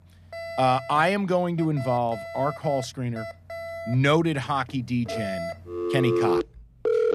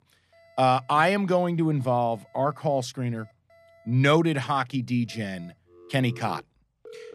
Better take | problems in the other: second | alarms or sirens; loud; throughout; 6 dB below the speech; faint in the second

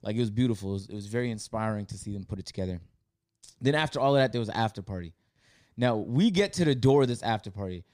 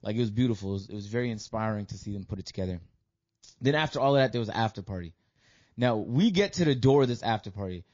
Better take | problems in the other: first | garbled, watery; slightly; nothing above 7 kHz

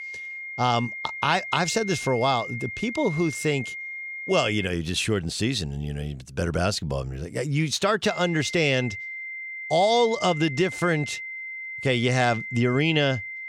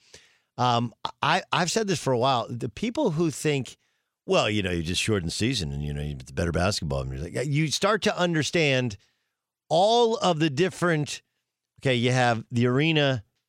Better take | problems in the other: second | high-pitched whine; loud; until 4.5 s and from 8 s on; 2 kHz, 8 dB below the speech

